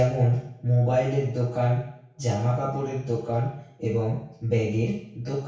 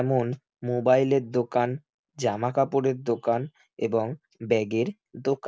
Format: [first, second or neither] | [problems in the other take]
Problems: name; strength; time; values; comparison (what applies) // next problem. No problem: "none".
second | room echo; dies away in 0.6 s